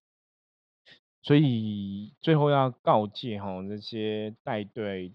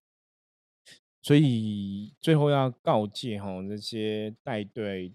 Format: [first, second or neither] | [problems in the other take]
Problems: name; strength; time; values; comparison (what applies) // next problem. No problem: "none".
second | muffled; very slightly; fading above 4 kHz